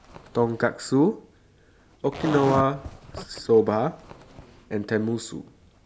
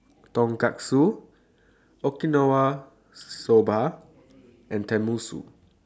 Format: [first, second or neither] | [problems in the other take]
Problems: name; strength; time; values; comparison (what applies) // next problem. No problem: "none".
second | background sound (Zipper (clothing)); 13 dB below the speech